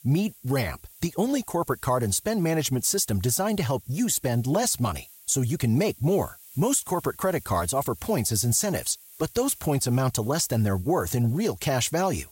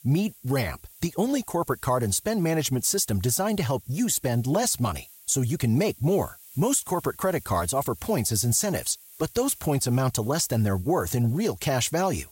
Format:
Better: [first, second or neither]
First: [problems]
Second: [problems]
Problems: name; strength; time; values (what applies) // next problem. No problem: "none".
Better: neither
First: hiss; faint; throughout; 20 dB below the speech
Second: hiss; faint; throughout; 20 dB below the speech